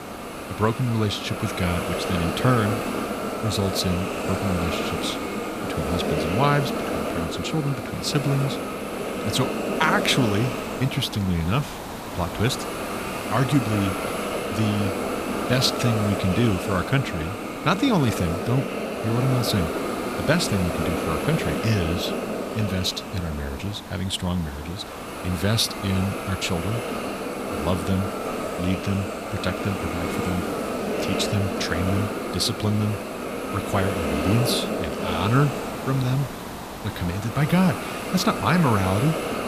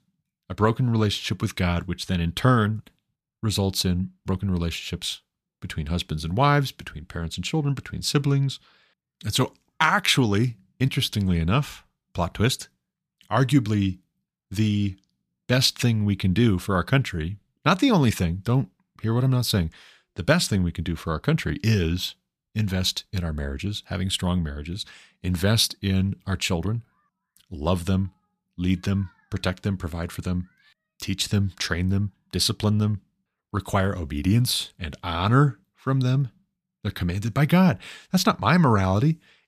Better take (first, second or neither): second